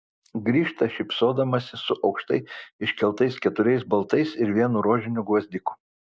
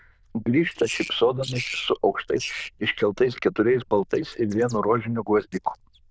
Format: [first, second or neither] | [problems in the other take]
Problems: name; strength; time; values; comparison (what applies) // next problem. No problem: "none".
first | noise reduction (neural diffusion model UNIVERSE++)